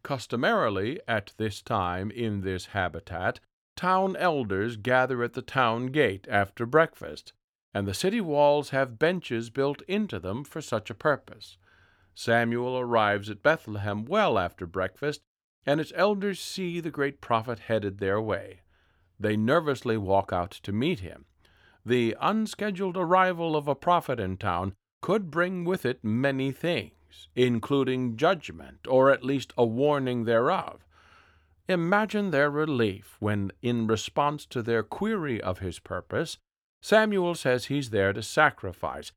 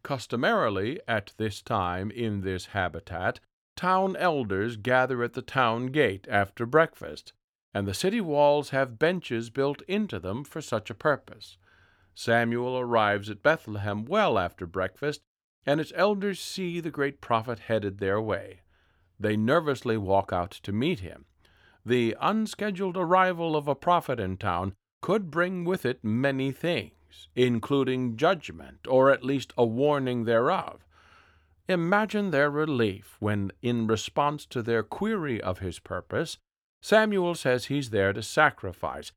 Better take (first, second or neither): neither